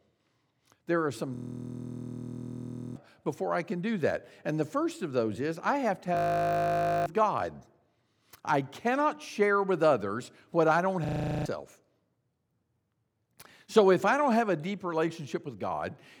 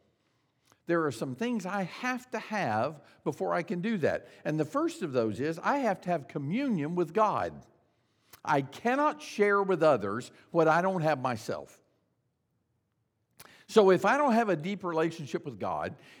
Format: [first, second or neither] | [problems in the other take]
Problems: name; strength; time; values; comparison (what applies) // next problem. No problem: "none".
second | audio freezing; at 1.5 s for 1.5 s, at 6 s for 1 s and at 11 s